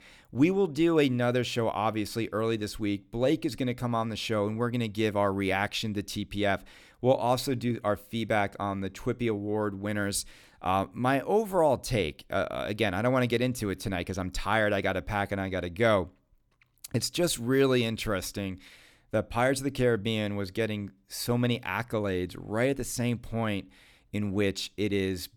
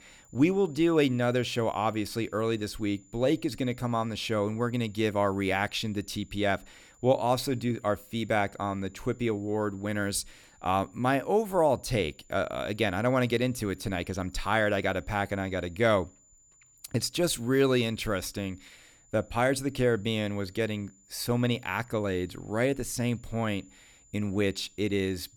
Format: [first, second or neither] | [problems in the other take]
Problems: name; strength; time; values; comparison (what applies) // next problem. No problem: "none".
first | high-pitched whine; faint; throughout; 7 kHz, 30 dB below the speech